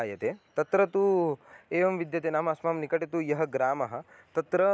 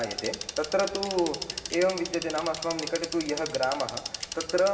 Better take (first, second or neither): first